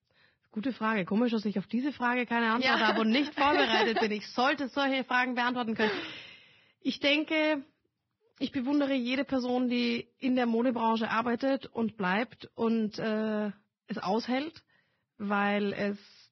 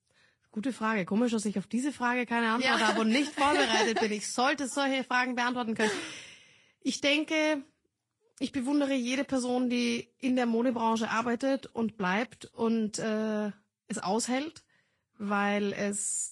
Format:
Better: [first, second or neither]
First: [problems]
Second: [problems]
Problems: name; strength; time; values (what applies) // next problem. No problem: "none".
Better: second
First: garbled, watery; badly; nothing above 5.5 kHz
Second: garbled, watery; slightly; nothing above 10 kHz